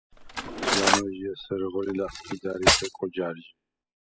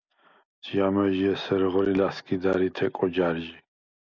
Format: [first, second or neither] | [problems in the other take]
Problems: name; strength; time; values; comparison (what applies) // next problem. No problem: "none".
second | noise reduction (classical method spectral subtraction)